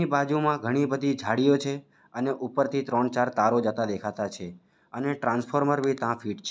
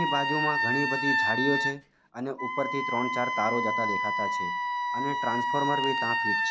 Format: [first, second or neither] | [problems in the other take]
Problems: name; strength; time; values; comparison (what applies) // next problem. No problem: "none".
first | background sound (Wind instrument, woodwind instrument); 3 dB above the speech